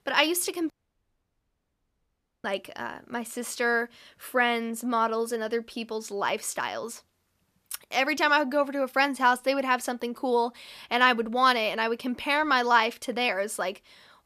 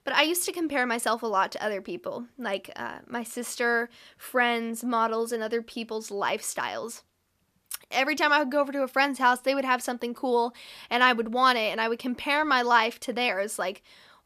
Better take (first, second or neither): second